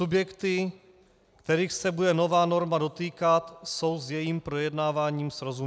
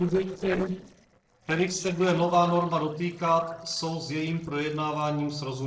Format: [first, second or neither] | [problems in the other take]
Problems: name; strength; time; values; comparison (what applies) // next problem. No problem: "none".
first | noise reduction (neural separator model SepFormer DNS4)